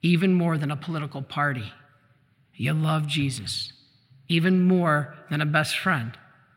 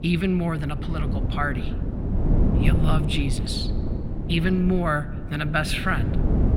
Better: first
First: none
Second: wind noise on the microphone; heavy; 8 dB below the speech

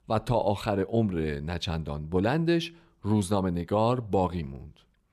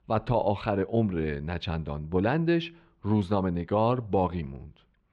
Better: first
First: none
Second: muffled; slightly; fading above 2.5 kHz

